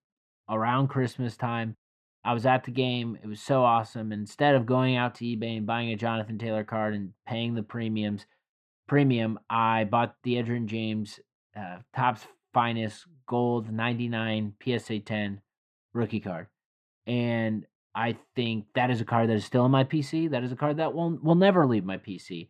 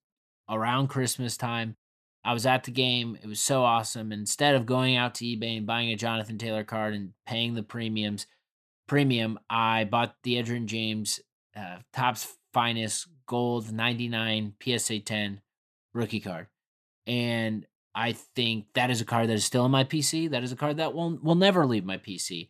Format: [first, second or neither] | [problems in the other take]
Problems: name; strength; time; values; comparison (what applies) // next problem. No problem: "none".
second | muffled; very; fading above 4 kHz